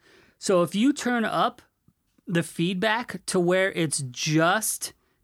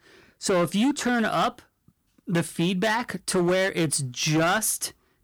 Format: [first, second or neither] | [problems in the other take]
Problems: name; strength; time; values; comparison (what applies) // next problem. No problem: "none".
first | distortion; slight; 12% of the sound clipped